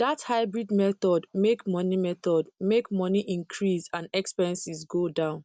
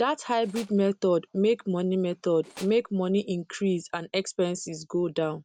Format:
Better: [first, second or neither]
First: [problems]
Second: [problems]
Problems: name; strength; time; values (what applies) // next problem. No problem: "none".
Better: first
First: none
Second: background sound (Tools); 19 dB below the speech